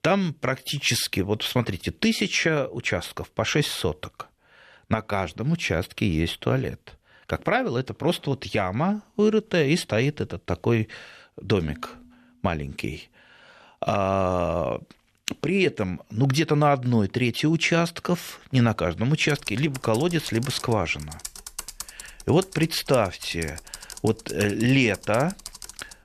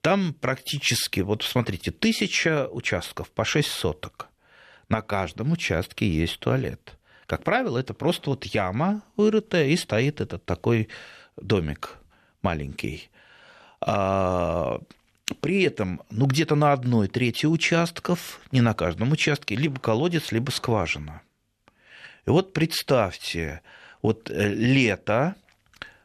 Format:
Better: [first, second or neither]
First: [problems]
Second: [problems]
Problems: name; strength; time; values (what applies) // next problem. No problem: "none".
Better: second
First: clattering dishes; faint; at 12 s; peak 20 dB below the speech // keyboard typing; faint; from 19 s on; peak 10 dB below the speech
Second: none